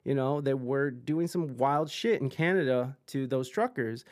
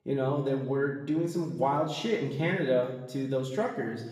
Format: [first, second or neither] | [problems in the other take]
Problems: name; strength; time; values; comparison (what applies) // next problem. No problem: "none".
first | room echo; noticeable; dies away in 0.8 s // off-mic speech; far